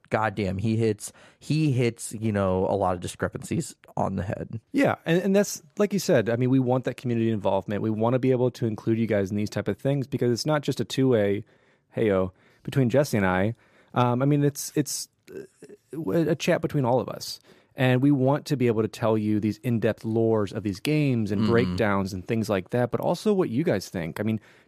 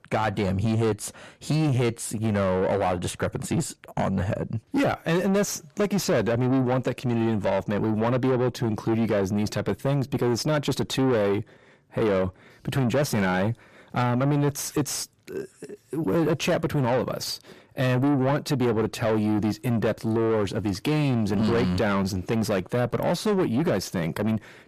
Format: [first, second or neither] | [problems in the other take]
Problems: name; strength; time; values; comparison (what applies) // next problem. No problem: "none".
first | distortion; heavy; 8 dB below the speech